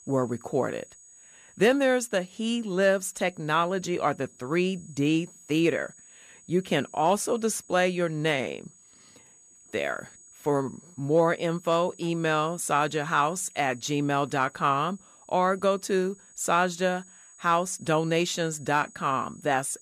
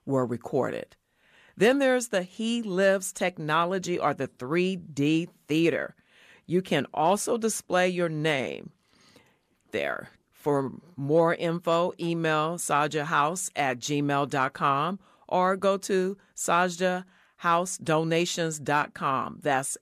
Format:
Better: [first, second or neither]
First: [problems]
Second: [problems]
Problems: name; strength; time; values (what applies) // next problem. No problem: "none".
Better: second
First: high-pitched whine; faint; throughout; 6.5 kHz, 25 dB below the speech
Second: none